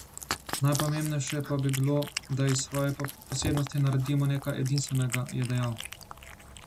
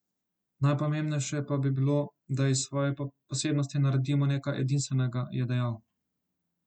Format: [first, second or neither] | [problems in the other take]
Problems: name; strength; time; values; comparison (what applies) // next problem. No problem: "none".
second | background sound (Cat); 10 dB below the speech